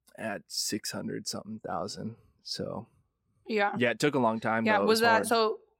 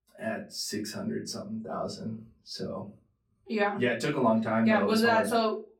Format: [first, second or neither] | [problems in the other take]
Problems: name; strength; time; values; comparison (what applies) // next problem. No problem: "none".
first | off-mic speech; far // room echo; very slight; dies away in 0.3 s